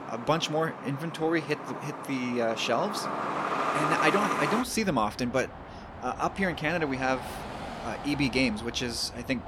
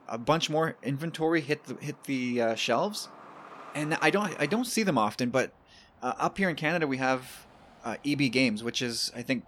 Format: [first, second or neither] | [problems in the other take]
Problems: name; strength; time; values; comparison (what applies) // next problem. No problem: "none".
second | traffic noise; loud; throughout; 5 dB below the speech; faint in the second